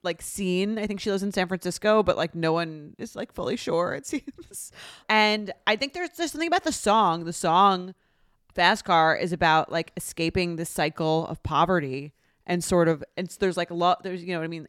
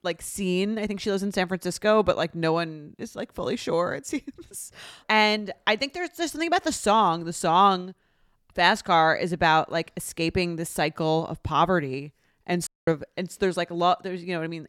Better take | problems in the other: first | audio cutting out; at 13 s

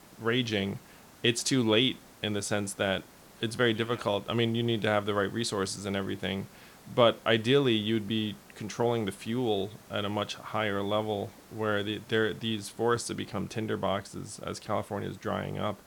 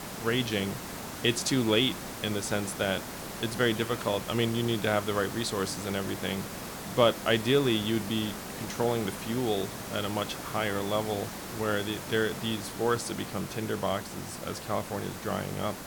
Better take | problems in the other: first | hiss; loud; throughout; 8 dB below the speech; faint in the first

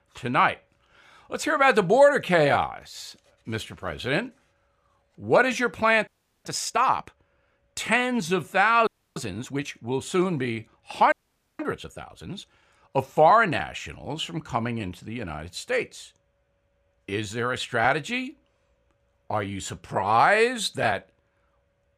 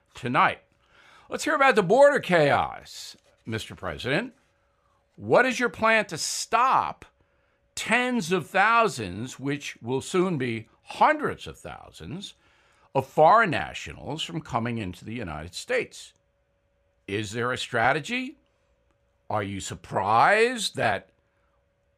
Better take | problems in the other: second | audio freezing; at 6 s, at 9 s and at 11 s

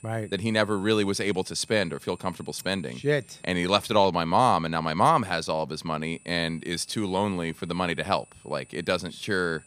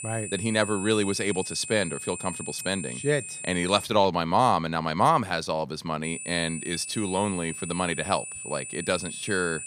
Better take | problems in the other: first | high-pitched whine; loud; until 4 s and from 6 s on; 9 kHz, 8 dB below the speech; faint in the first

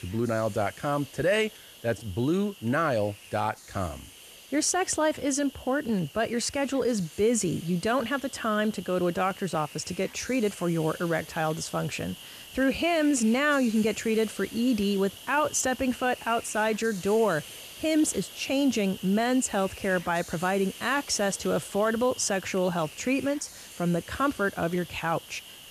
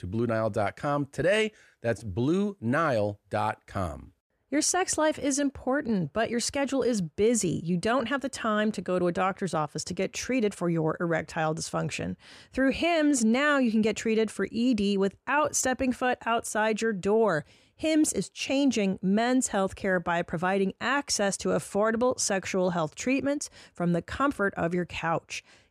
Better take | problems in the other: second | hiss; noticeable; throughout; 15 dB below the speech

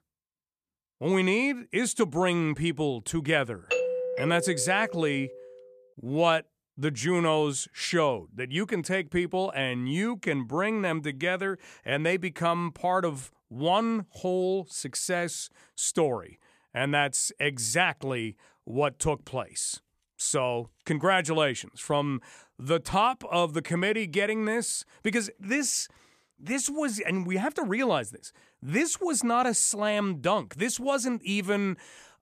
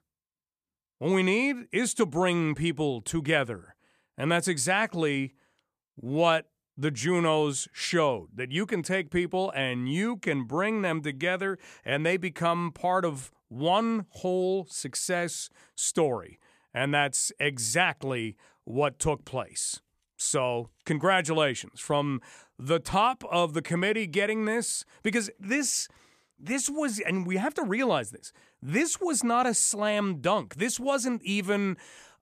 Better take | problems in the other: second | doorbell; noticeable; from 3.5 to 5.5 s; peak level with the speech

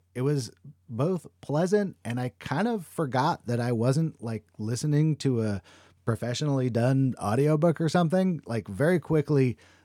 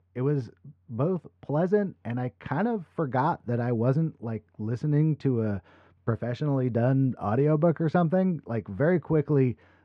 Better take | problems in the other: first | muffled; very; fading above 2 kHz

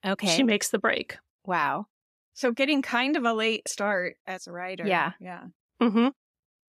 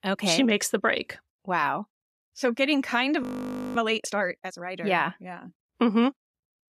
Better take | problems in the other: first | audio freezing; at 3 s for 0.5 s

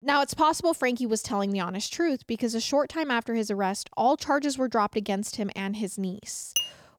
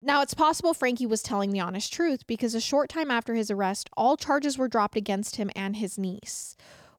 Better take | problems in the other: second | clattering dishes; noticeable; at 6.5 s; peak 1 dB below the speech

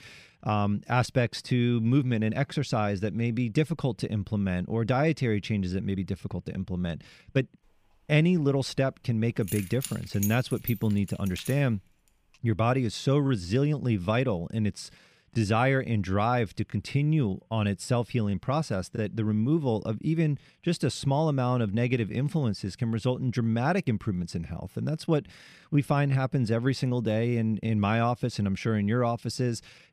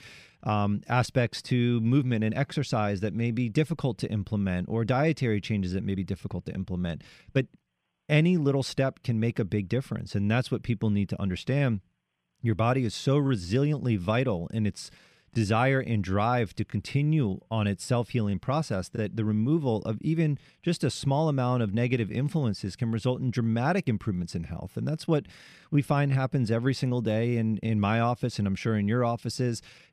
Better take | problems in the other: second | jangling keys; noticeable; from 9.5 to 12 s; peak 8 dB below the speech

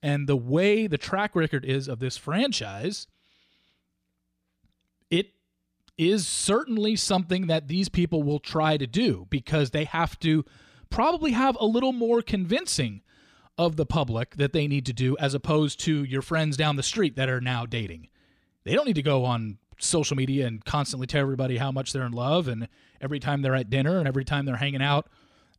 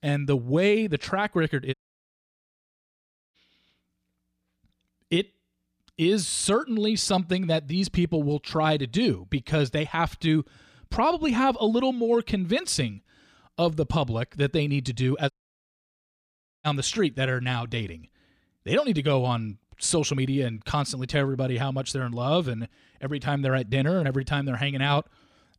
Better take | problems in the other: first | audio cutting out; at 1.5 s for 1.5 s and at 15 s for 1.5 s

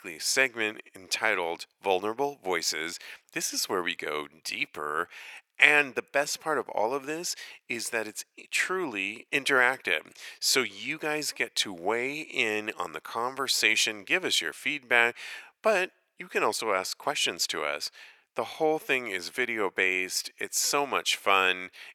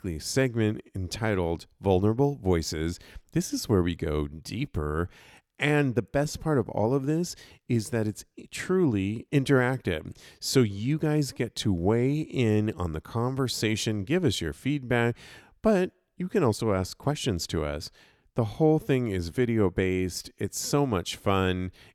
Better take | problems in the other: second | thin; very; fading below 750 Hz

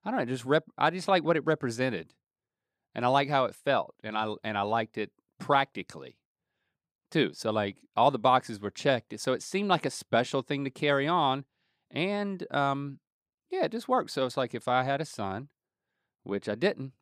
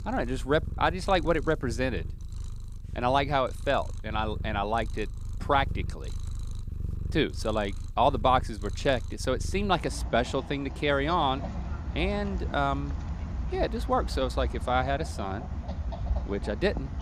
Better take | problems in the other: first | animal sounds; loud; throughout; 8 dB below the speech

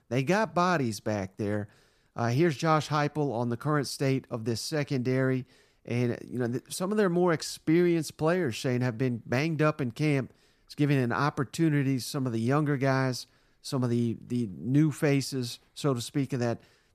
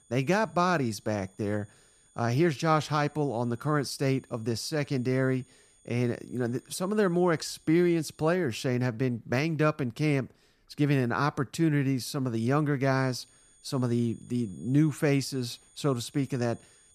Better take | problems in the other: first | high-pitched whine; faint; until 8.5 s and from 13 s on; 9 kHz, 30 dB below the speech

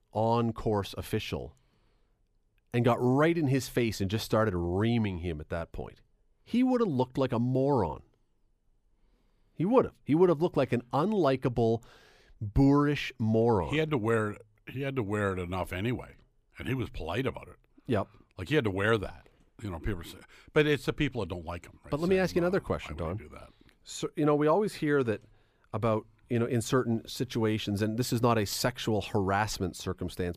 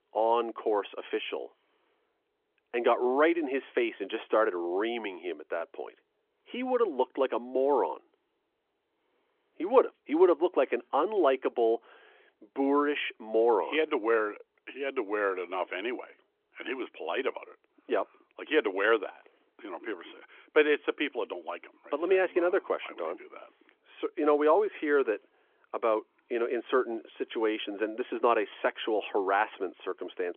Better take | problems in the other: first | phone-call audio; nothing above 3.5 kHz

